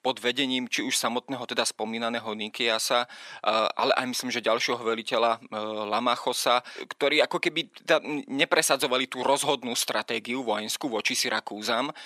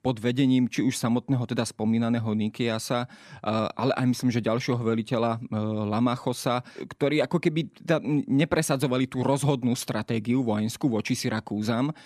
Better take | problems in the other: second | thin; somewhat; fading below 550 Hz

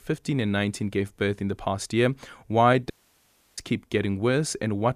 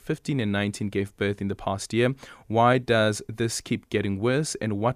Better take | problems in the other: second | audio cutting out; at 3 s for 0.5 s

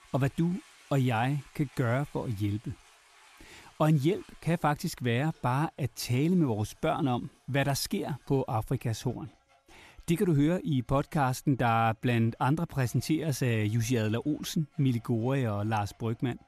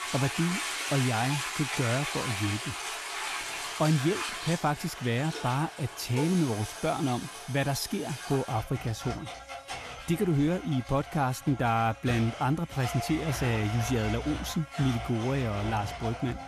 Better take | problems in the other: first | household noises; loud; throughout; 6 dB below the speech; faint in the first

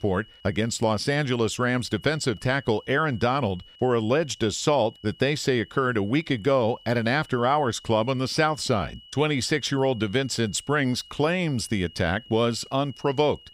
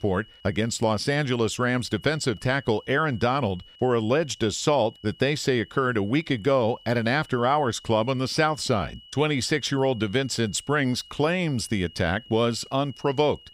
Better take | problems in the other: neither | high-pitched whine; faint; throughout; 3 kHz, 25 dB below the speech; the same in both

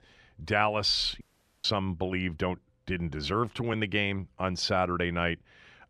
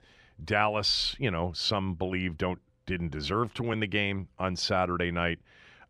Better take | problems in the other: second | audio cutting out; at 1 s

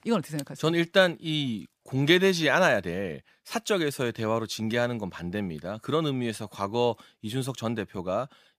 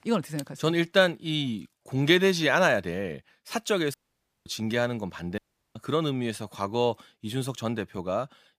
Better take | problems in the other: first | audio cutting out; at 4 s for 0.5 s and at 5.5 s

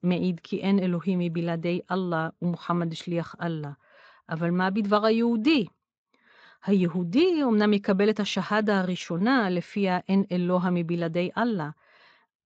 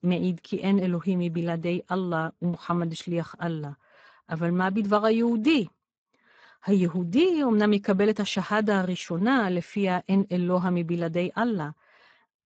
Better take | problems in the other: first | garbled, watery; badly; nothing above 7.5 kHz; slightly in the first

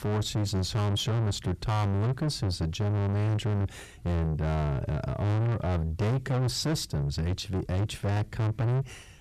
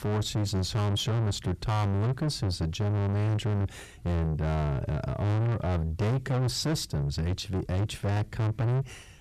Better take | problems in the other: neither | distortion; heavy; 7 dB below the speech; the same in both

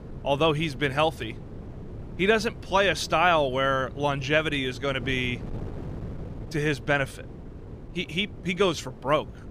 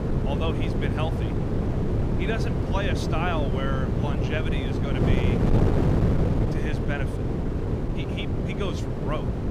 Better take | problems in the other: first | wind noise on the microphone; heavy; 1 dB above the speech; occasional gusts in the first

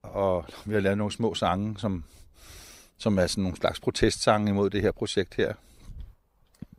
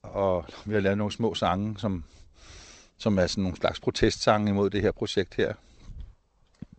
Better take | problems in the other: first | garbled, watery; slightly; nothing above 8 kHz

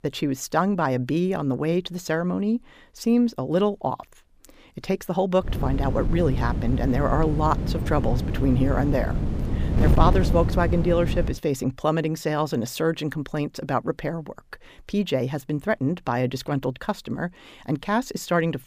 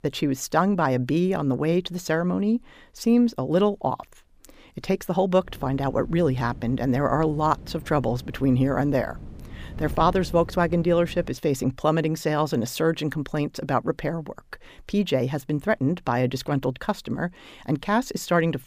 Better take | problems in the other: second | wind noise on the microphone; heavy; from 5.5 to 11 s; 9 dB below the speech; occasional gusts in the second

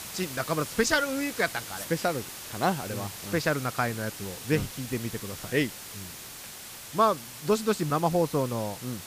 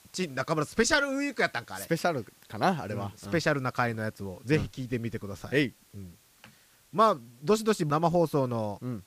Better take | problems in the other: second | hiss; loud; throughout; 10 dB below the speech; faint in the second

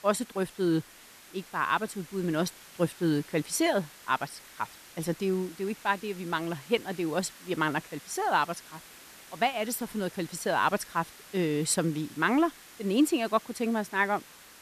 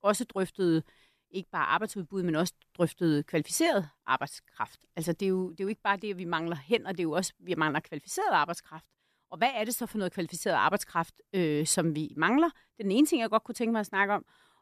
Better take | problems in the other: second | hiss; noticeable; throughout; 20 dB below the speech

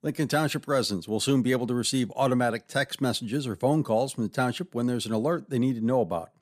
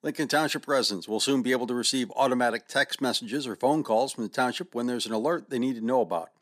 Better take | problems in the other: first | thin; very slightly; fading below 300 Hz

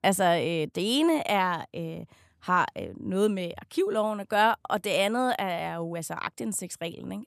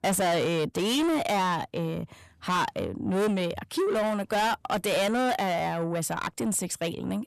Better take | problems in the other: first | distortion; heavy; 6 dB below the speech

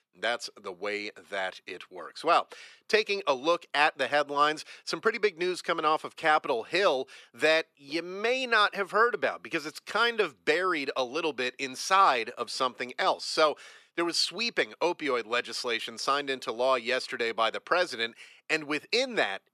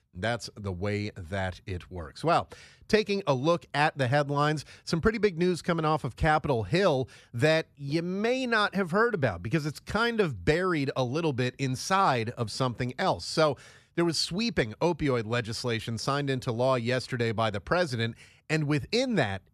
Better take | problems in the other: second | thin; very; fading below 350 Hz

